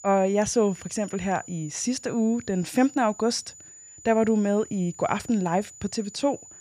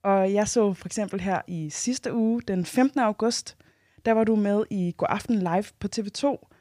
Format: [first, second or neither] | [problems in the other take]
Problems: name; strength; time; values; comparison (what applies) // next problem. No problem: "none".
second | high-pitched whine; noticeable; throughout; 7 kHz, 20 dB below the speech